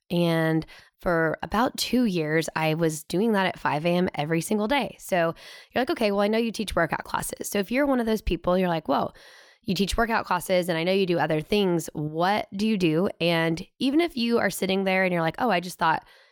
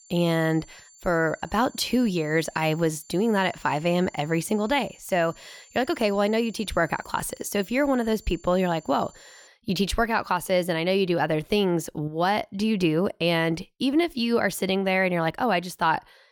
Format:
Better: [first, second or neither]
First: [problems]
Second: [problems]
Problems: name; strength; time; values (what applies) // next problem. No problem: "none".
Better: first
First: none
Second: high-pitched whine; faint; until 9.5 s; 7 kHz, 25 dB below the speech